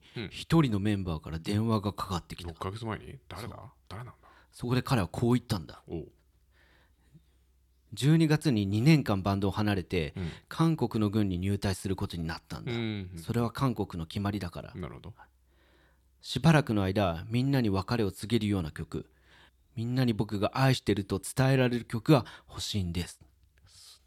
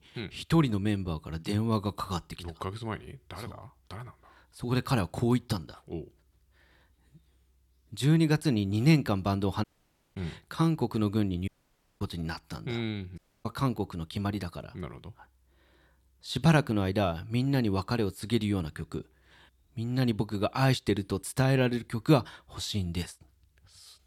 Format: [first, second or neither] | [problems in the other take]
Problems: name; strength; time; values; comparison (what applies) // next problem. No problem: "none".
first | audio cutting out; at 9.5 s for 0.5 s, at 11 s for 0.5 s and at 13 s